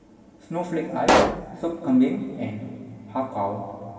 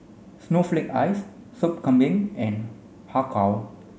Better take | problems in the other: second | background sound (Explosion); 3 dB above the speech // room echo; dies away in 2.3 s

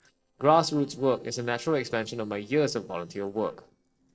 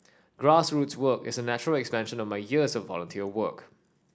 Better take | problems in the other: second | noise reduction (neural separator model SepFormer DNS4)

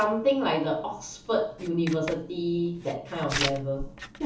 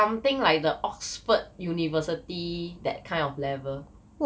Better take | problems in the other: second | background sound (Writing); 11 dB below the speech // room echo; dies away in 0.7 s

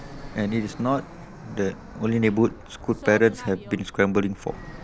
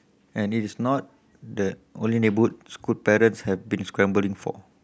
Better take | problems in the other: second | background sound (Fixed-wing aircraft, airplane); 15 dB below the speech

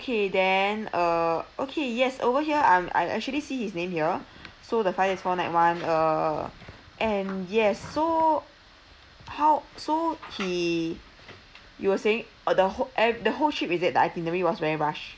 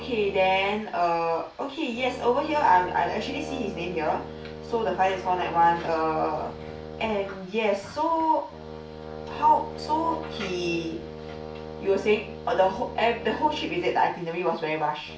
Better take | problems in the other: first | background sound (Brass instrument); 12 dB below the speech // room echo; dies away in 0.4 s

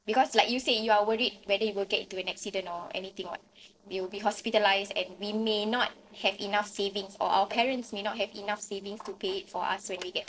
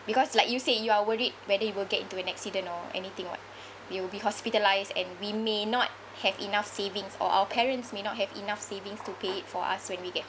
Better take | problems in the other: second | noise reduction (neural separator model SepFormer DNS4)

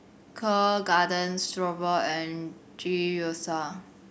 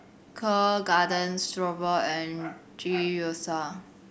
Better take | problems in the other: first | background sound (Dog); 18 dB below the speech

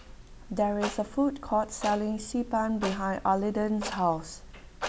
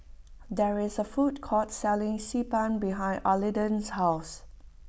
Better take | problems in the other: second | background sound (Clock); 13 dB below the speech

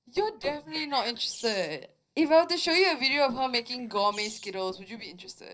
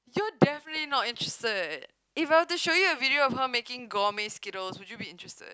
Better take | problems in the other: second | noise reduction (neural separator model SepFormer DNS4)

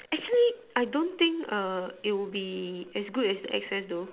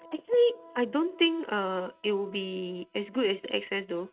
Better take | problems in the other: first | noise reduction (neural mask model RNNoise)

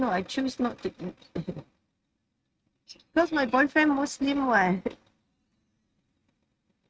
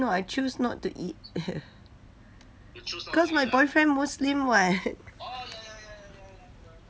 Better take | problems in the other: second | noise reduction (neural mask model RNNoise)

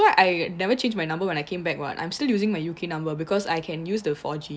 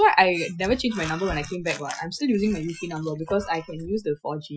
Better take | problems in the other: first | noise reduction (classical method Wiener filter)

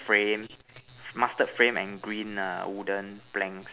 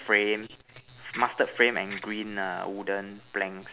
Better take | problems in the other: first | background sound (Ratchet, pawl); 12 dB below the speech

